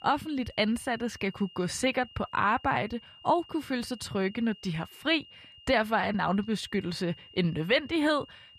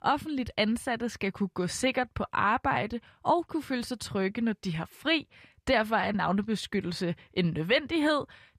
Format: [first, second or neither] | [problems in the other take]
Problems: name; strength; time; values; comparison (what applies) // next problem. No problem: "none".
second | high-pitched whine; faint; throughout; 3 kHz, 20 dB below the speech